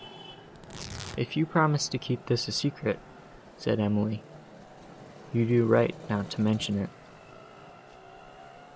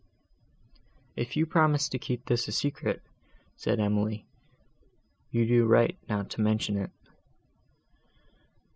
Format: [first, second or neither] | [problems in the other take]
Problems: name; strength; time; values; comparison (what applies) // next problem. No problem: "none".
second | background sound (Traffic noise, roadway noise + Tearing); 17 dB below the speech